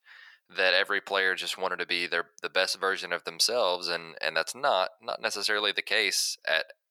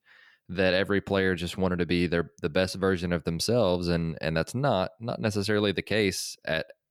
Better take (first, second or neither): second